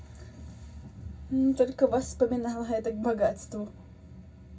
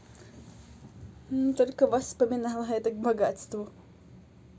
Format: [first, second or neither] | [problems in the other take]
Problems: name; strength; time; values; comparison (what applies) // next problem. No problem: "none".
second | room echo; dies away in 0.4 s